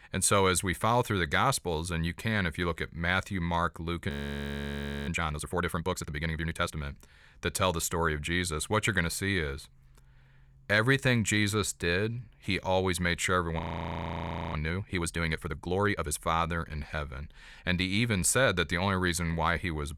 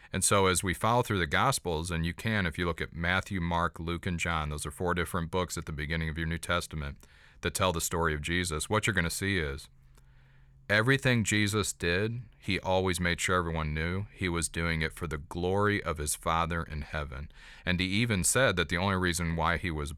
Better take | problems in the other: second | audio freezing; at 4 s for 1 s and at 14 s for 1 s

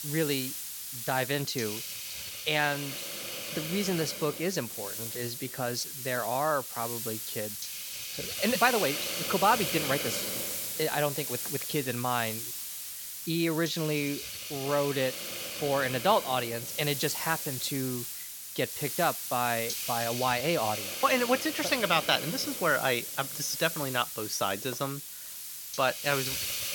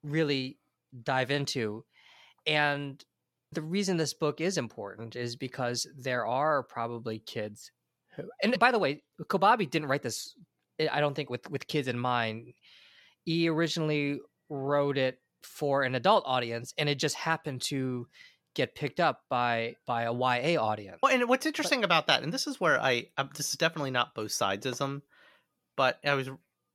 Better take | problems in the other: second | hiss; loud; throughout; 4 dB below the speech

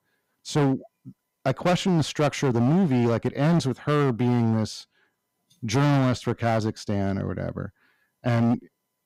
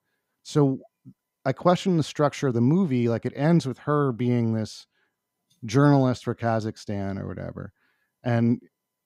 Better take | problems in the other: second | distortion; heavy; 14% of the sound clipped

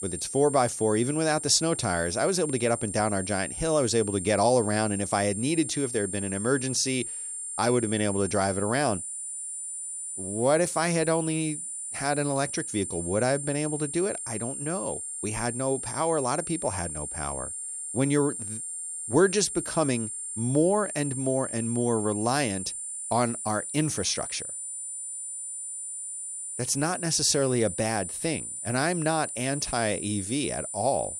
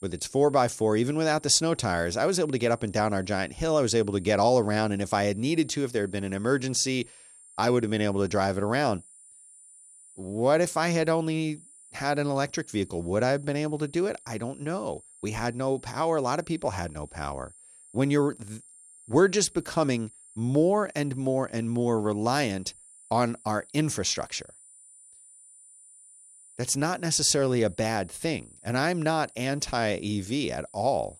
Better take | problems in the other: second | high-pitched whine; loud; throughout; 9 kHz, 6 dB below the speech; faint in the second

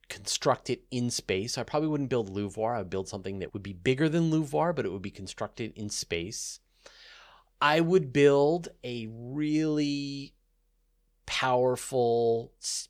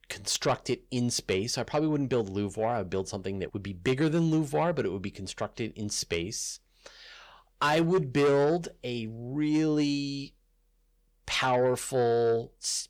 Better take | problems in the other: first | distortion; slight; 10 dB below the speech

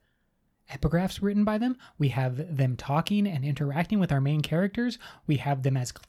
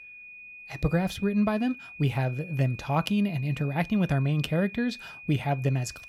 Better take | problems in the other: first | high-pitched whine; noticeable; throughout; 2.5 kHz, 15 dB below the speech

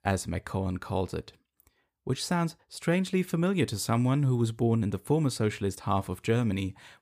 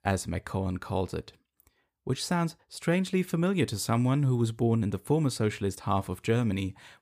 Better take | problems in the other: neither | none

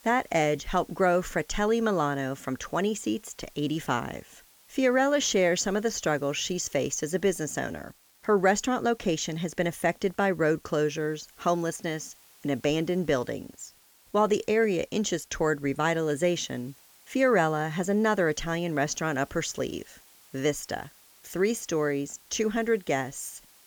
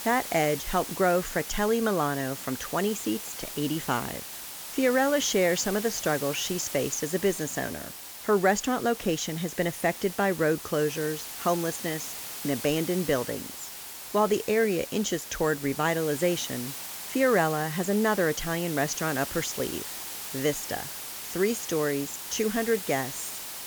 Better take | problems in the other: first | hiss; loud; throughout; 8 dB below the speech; faint in the first

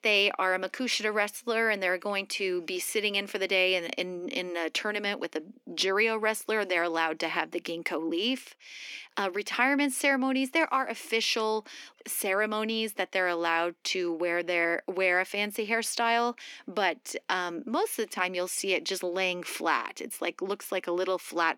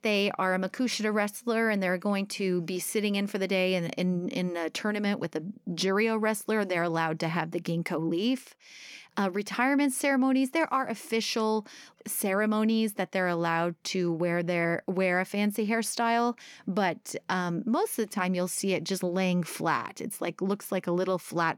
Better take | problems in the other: second | thin; somewhat; fading below 250 Hz

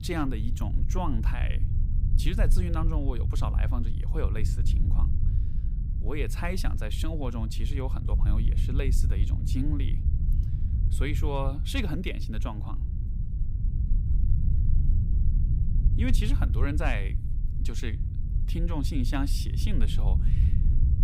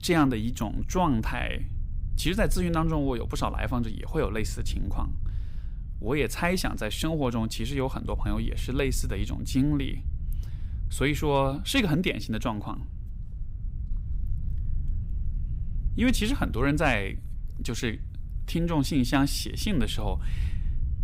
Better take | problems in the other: second | low rumble; loud; throughout; 8 dB below the speech; faint in the second

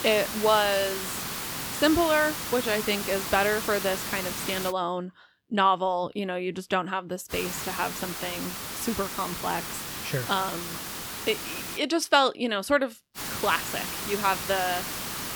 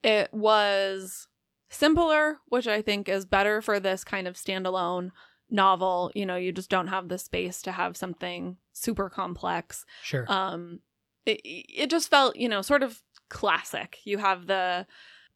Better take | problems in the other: second | hiss; loud; until 4.5 s, from 7.5 to 12 s and from 13 s on; 5 dB below the speech

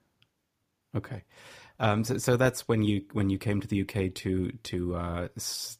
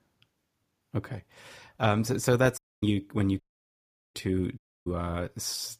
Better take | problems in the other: first | audio cutting out; at 2.5 s, at 3.5 s for 0.5 s and at 4.5 s

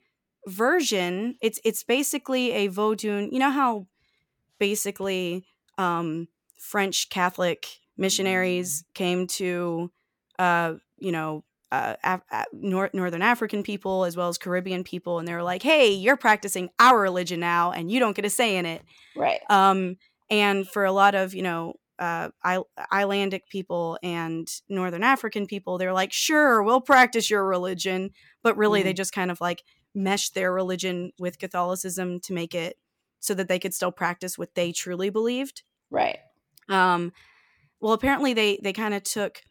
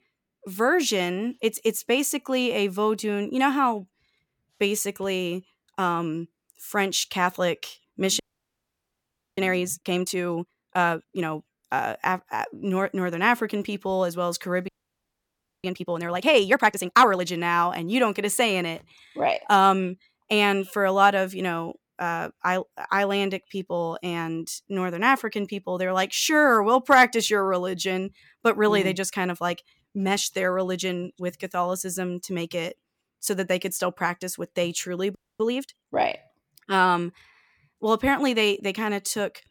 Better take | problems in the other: first | audio freezing; at 8 s for 1 s, at 15 s for 1 s and at 35 s

